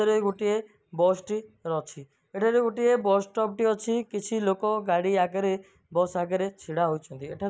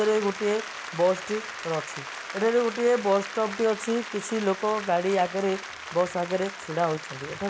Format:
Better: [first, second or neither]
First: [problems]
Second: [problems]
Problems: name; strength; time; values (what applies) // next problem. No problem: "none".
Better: first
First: none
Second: background sound (Applause); 11 dB below the speech